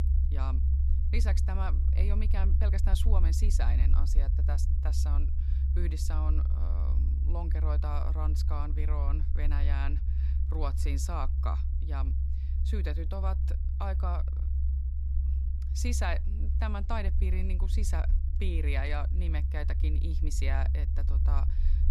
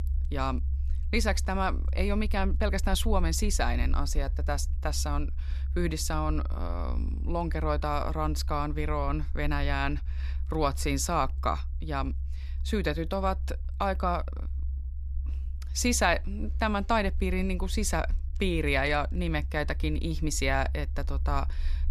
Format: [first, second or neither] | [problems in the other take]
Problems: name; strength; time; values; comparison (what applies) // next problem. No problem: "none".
second | low rumble; loud; throughout; 7 dB below the speech; faint in the second